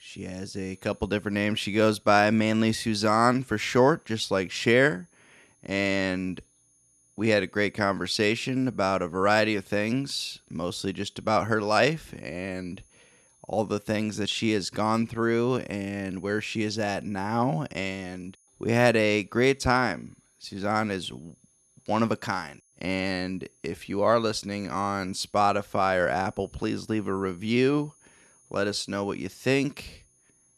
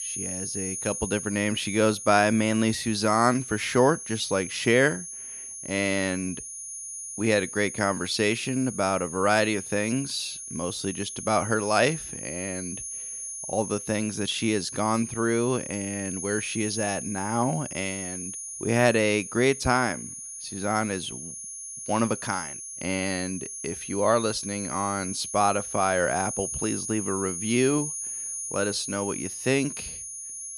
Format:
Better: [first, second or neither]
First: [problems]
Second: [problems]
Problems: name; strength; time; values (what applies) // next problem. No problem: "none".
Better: first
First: high-pitched whine; faint; throughout; 10.5 kHz, 35 dB below the speech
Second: high-pitched whine; loud; throughout; 10.5 kHz, 7 dB below the speech